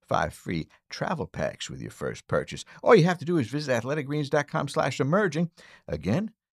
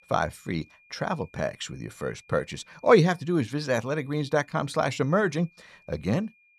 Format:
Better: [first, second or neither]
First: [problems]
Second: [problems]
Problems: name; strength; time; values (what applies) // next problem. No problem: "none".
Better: first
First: none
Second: high-pitched whine; faint; throughout; 2.5 kHz, 30 dB below the speech